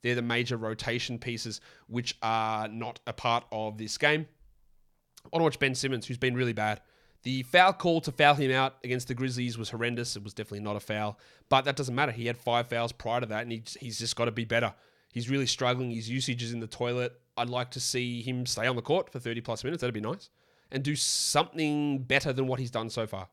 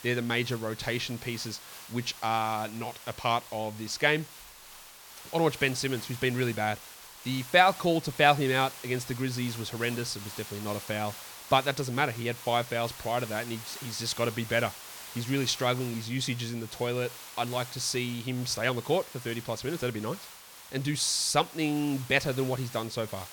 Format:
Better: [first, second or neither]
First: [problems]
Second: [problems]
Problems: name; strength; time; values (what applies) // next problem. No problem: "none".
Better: first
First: none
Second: hiss; noticeable; throughout; 15 dB below the speech